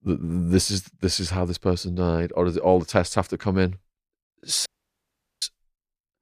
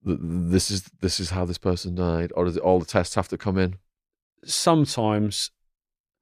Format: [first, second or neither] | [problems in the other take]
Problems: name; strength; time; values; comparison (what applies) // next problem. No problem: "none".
second | audio cutting out; at 4.5 s for 1 s